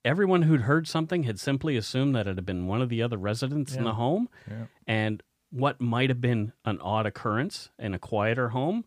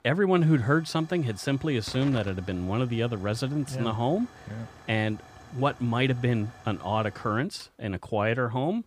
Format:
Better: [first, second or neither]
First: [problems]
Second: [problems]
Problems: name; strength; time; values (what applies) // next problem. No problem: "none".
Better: first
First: none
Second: hiss; faint; throughout; 20 dB below the speech